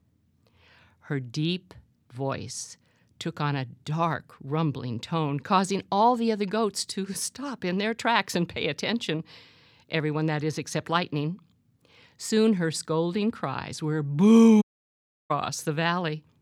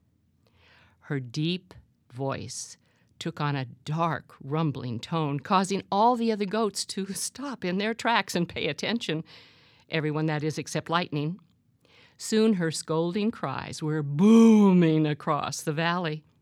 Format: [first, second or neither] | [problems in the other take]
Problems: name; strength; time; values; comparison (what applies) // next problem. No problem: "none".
second | audio cutting out; at 15 s for 0.5 s